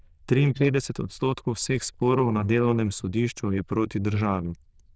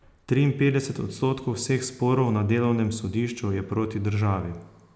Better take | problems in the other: second | noise reduction (neural diffusion model UNIVERSE++)

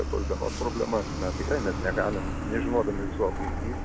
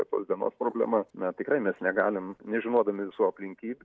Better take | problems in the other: second | background sound (Truck); 1 dB below the speech

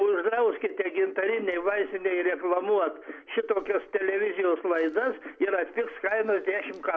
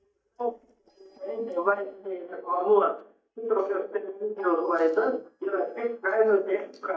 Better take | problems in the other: first | noise reduction (neural mask model DeepFilterNet 3)

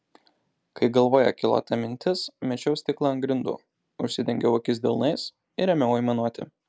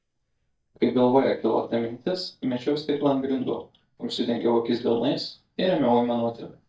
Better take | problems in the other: first | noise reduction (neural mask model DeepFilterNet 3)

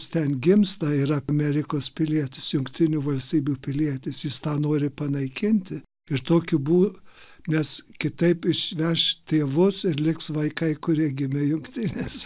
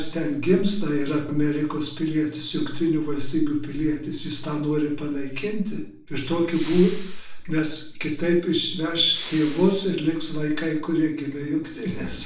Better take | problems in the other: first | background sound (Respiratory sounds); 19 dB below the speech // room echo; dies away in 0.5 s

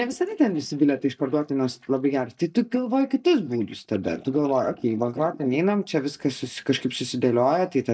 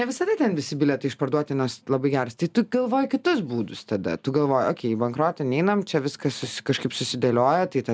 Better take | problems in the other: second | noise reduction (neural mask model DeepFilterNet 3)

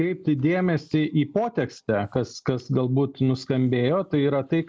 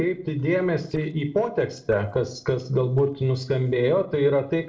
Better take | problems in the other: first | noise reduction (neural separator model SepFormer DNS4)

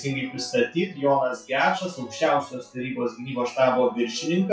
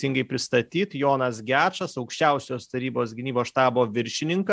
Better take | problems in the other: second | noise reduction (classical method WPE with log-MMSE)

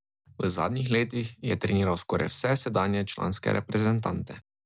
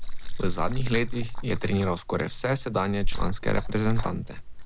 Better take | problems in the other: first | background sound (Liquid); 1 dB above the speech

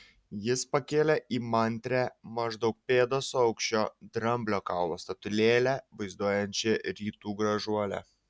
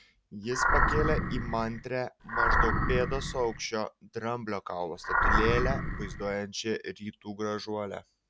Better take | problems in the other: first | background sound (Animal); 5 dB above the speech

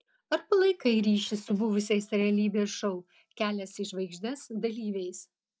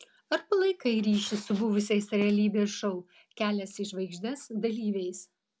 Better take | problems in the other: second | noise reduction (neural mask model DeepFilterNet 3)

